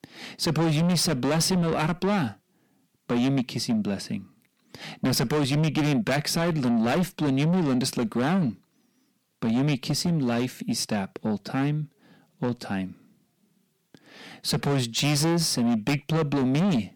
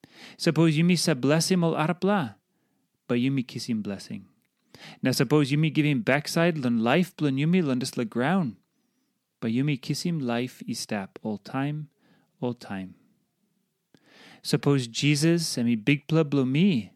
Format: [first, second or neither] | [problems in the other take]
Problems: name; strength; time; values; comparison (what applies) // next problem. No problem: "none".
second | distortion; heavy; 6 dB below the speech